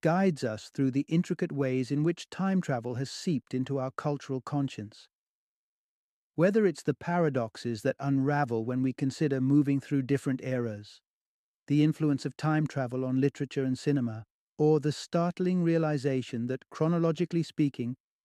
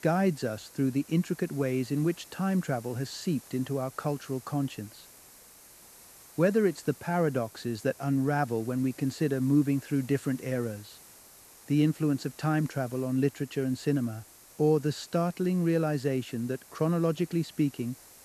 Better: first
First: none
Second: hiss; faint; throughout; 20 dB below the speech

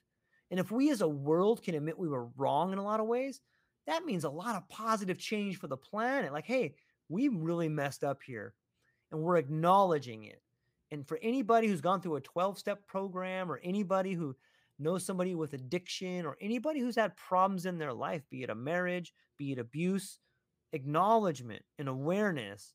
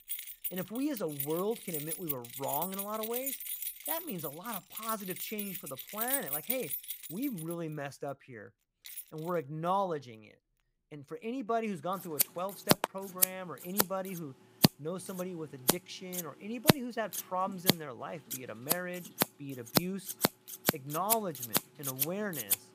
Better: first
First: none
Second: household noises; very loud; throughout; 5 dB above the speech

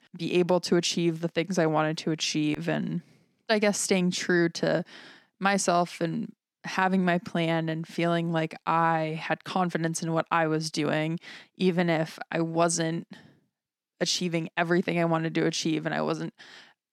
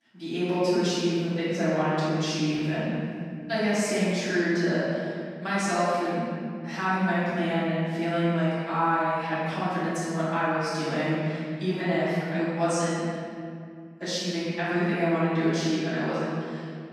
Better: first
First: none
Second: off-mic speech; far // room echo; strong; dies away in 2.1 s

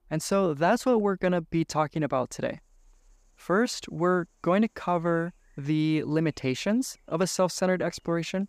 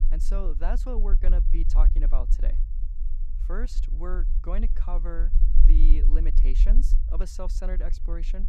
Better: first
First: none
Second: low rumble; noticeable; throughout; 10 dB below the speech

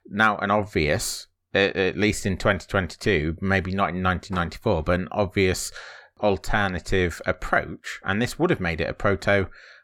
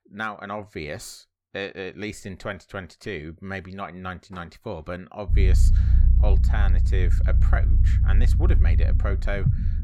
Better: first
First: none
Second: low rumble; loud; from 5.5 s on; 6 dB below the speech

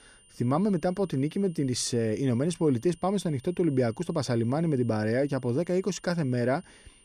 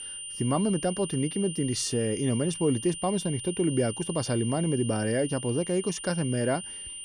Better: first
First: high-pitched whine; faint; throughout; 9 kHz, 30 dB below the speech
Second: high-pitched whine; loud; throughout; 9 kHz, 8 dB below the speech

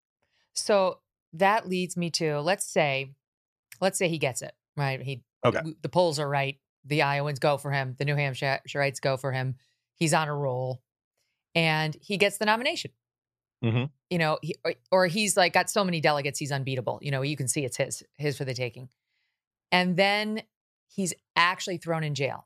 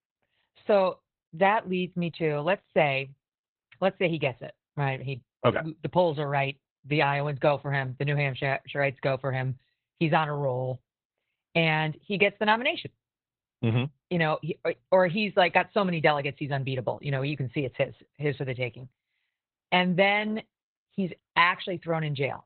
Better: first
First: none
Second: garbled, watery; badly; nothing above 4 kHz

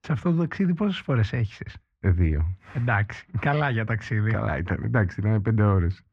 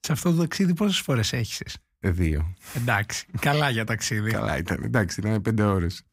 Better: second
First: muffled; very; fading above 2 kHz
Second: none

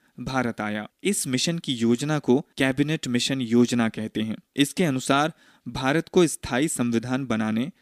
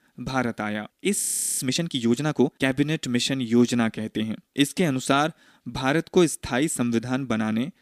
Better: first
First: none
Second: audio freezing; at 1 s

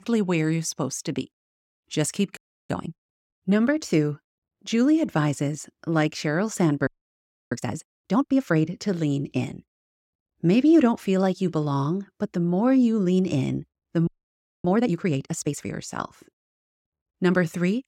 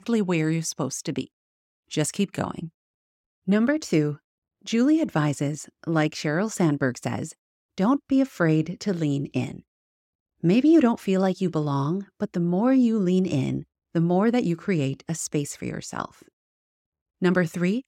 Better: second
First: audio freezing; at 2.5 s, at 7 s for 0.5 s and at 14 s for 0.5 s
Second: none

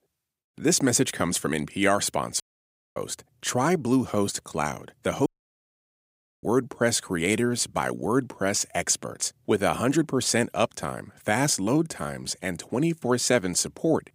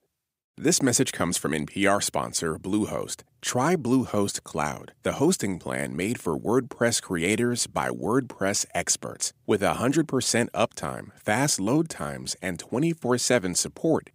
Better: second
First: audio cutting out; at 2.5 s for 0.5 s and at 5.5 s for 1 s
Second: none

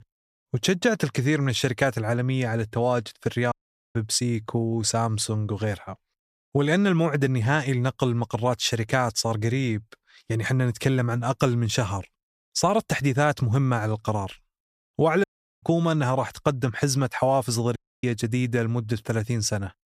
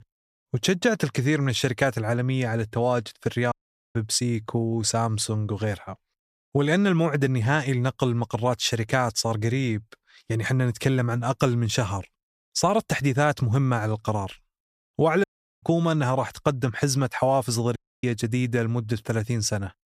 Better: neither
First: audio cutting out; at 3.5 s, at 15 s and at 18 s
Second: audio cutting out; at 3.5 s, at 15 s and at 18 s

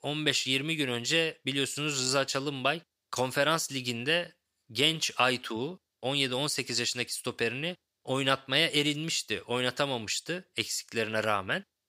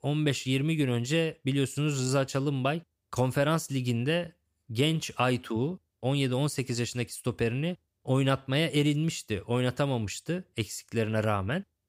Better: second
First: thin; somewhat; fading below 550 Hz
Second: none

